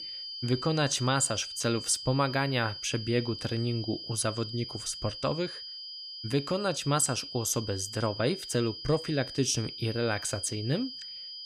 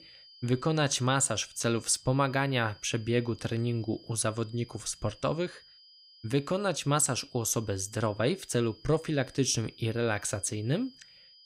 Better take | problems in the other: second | high-pitched whine; loud; throughout; 5 kHz, 8 dB below the speech; faint in the second

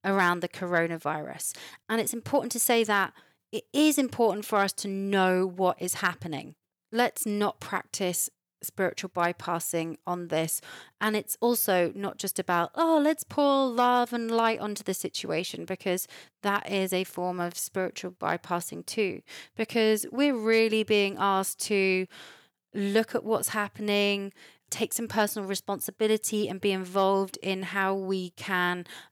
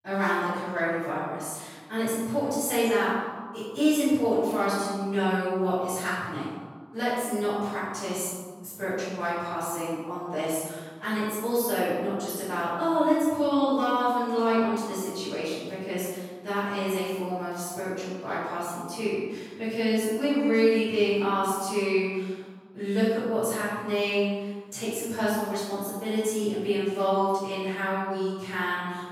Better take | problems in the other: first | off-mic speech; far // room echo; strong; dies away in 1.4 s

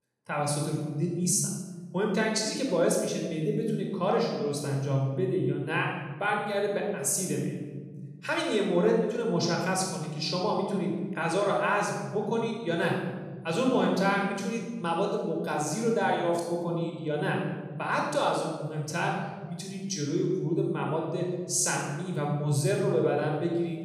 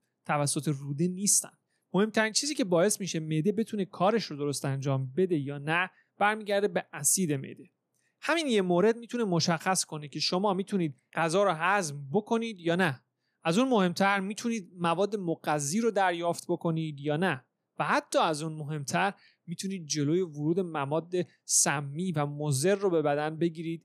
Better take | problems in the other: second | off-mic speech; somewhat distant // room echo; noticeable; dies away in 1.6 s

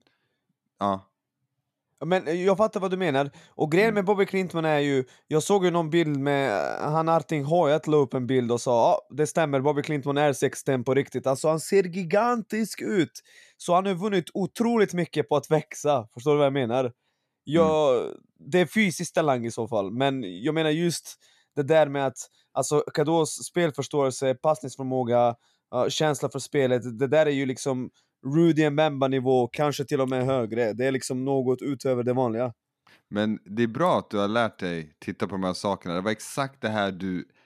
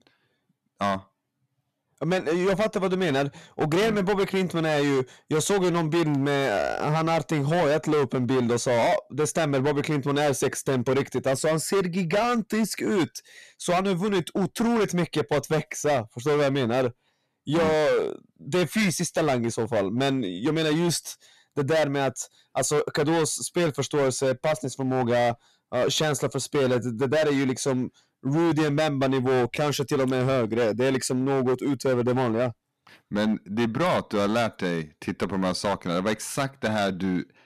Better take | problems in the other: first | distortion; heavy; 17% of the sound clipped

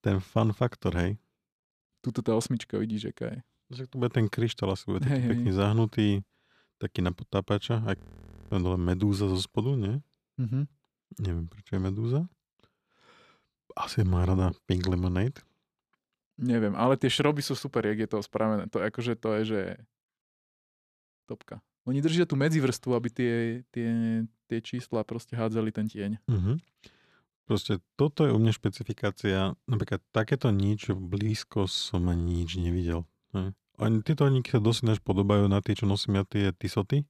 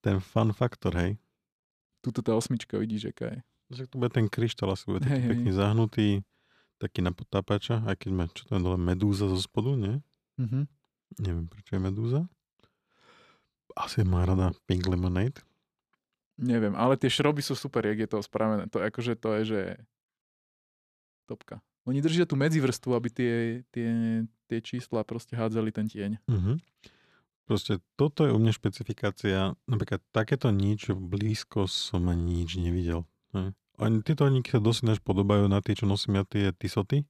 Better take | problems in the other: second | audio freezing; at 8 s for 0.5 s

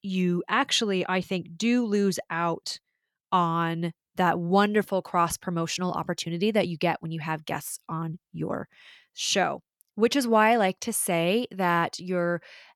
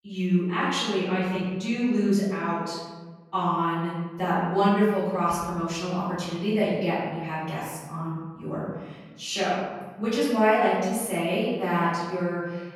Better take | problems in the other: first | room echo; strong; dies away in 1.3 s // off-mic speech; far

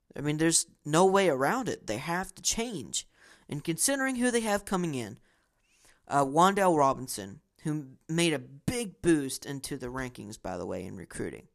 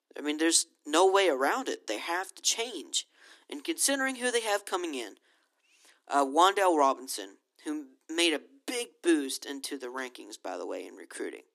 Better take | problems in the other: first | thin; very slightly; fading below 250 Hz

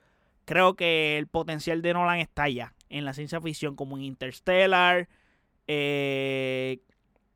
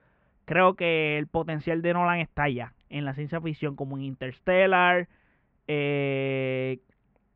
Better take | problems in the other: first | muffled; very; fading above 2.5 kHz

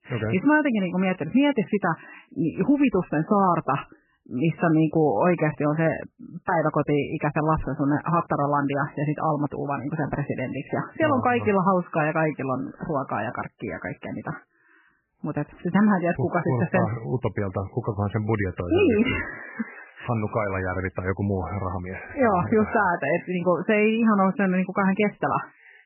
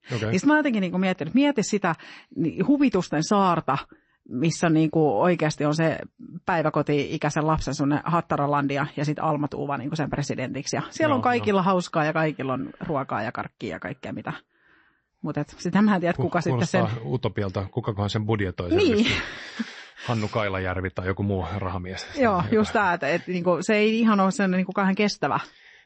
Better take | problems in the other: second | garbled, watery; badly; nothing above 3 kHz; slightly in the second

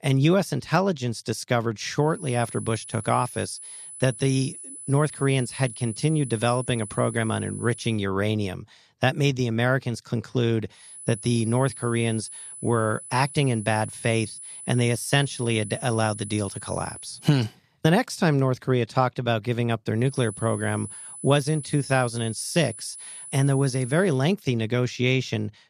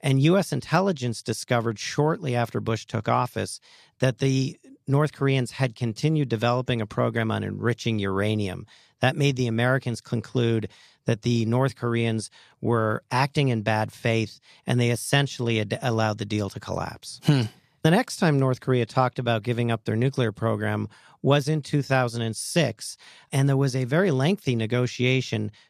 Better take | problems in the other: second | high-pitched whine; noticeable; from 2 to 8 s, from 11 to 17 s and from 20 to 24 s; 10 kHz, 10 dB below the speech

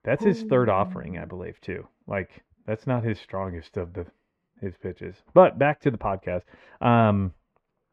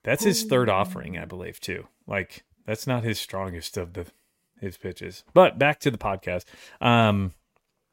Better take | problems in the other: second | muffled; very; fading above 1.5 kHz

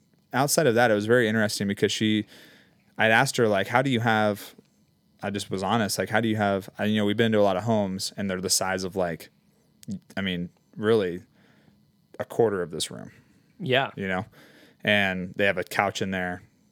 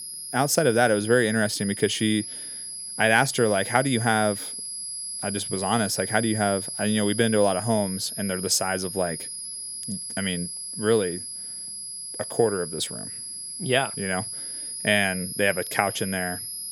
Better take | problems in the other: first | high-pitched whine; loud; throughout; 10.5 kHz, 7 dB below the speech

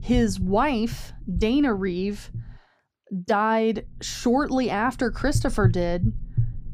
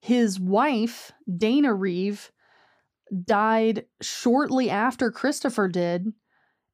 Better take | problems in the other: second | low rumble; noticeable; until 2.5 s and from 3.5 s on; 20 dB below the speech

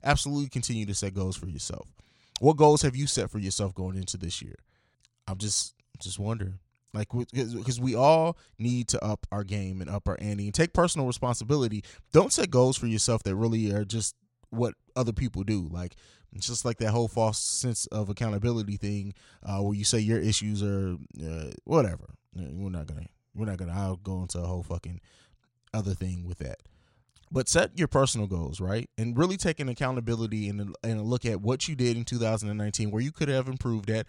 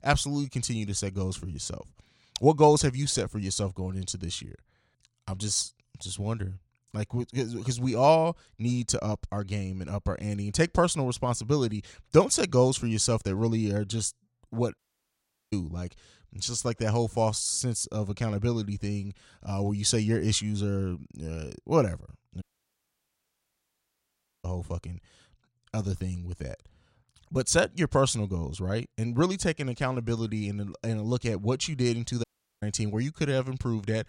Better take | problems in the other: first | audio cutting out; at 15 s for 0.5 s, at 22 s for 2 s and at 32 s

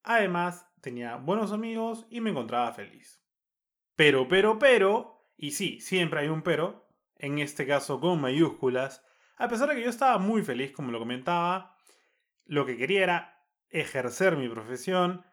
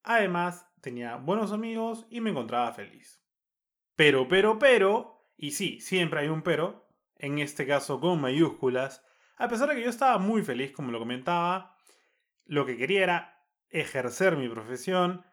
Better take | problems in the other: neither | none

